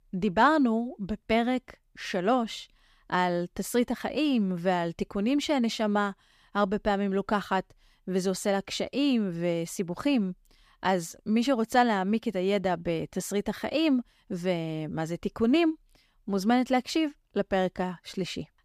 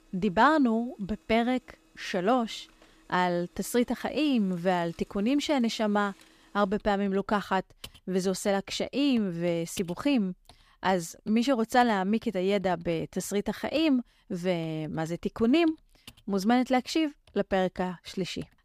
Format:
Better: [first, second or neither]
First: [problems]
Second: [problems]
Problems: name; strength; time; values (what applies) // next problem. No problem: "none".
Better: first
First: none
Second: household noises; faint; throughout; 30 dB below the speech